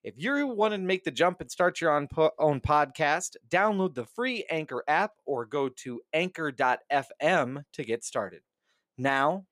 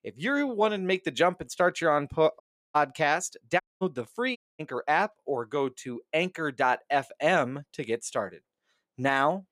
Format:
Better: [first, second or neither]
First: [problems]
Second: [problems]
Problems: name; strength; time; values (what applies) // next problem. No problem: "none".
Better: first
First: none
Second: audio cutting out; at 2.5 s, at 3.5 s and at 4.5 s